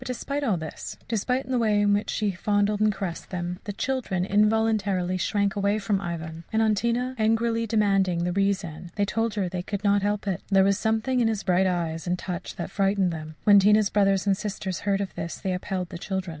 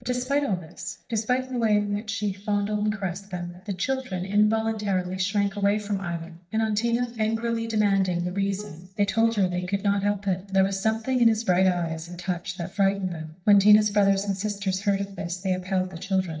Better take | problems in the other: first | noise reduction (neural mask model DeepFilterNet 3)

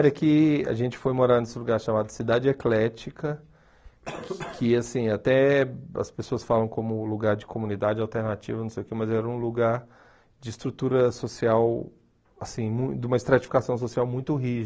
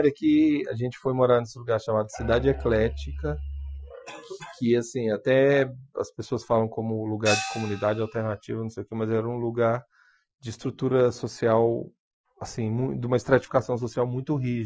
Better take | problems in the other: first | noise reduction (classical method Wiener filter)

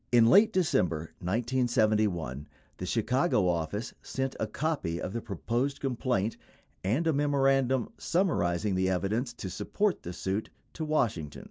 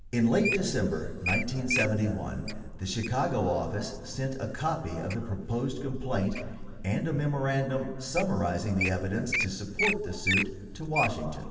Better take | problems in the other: first | background sound (Wild animals); 6 dB below the speech // room echo; dies away in 2.7 s

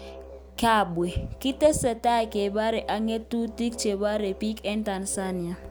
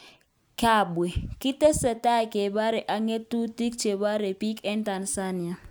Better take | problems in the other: second | background sound (Musical instrument); 16 dB below the speech

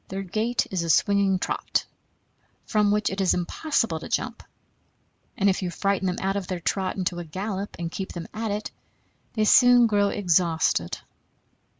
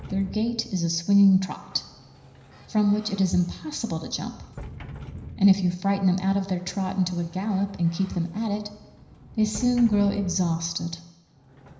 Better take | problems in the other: first | background sound (Sliding door); 18 dB below the speech // room echo; dies away in 0.9 s

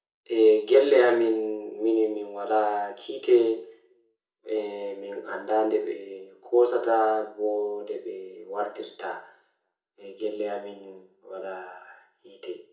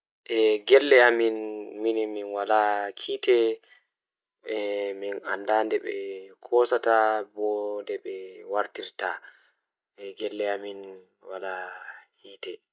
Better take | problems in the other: second | room echo; dies away in 0.6 s

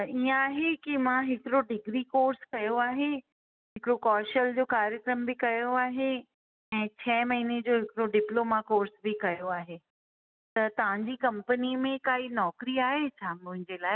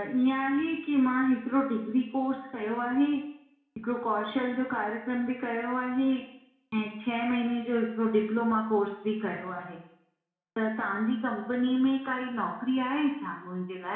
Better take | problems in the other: first | room echo; dies away in 0.7 s

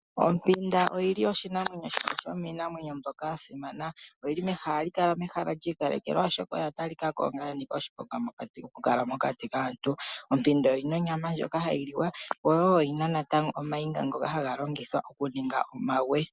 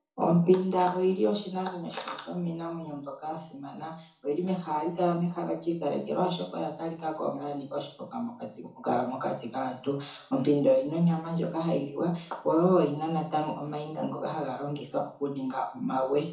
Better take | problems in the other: first | room echo; dies away in 0.5 s

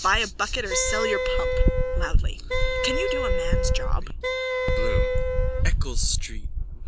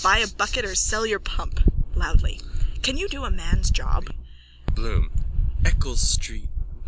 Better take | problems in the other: second | background sound (Wind instrument, woodwind instrument); 3 dB below the speech

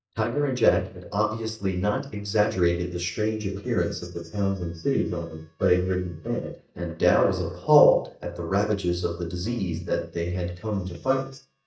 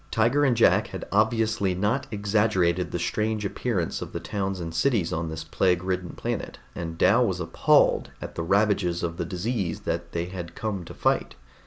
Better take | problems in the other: second | noise reduction (neural mask model DeepFilterNet 3)

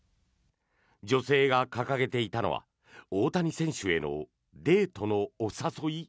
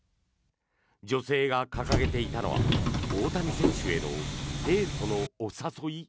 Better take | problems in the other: first | background sound (Subway, metro, underground); 2 dB above the speech

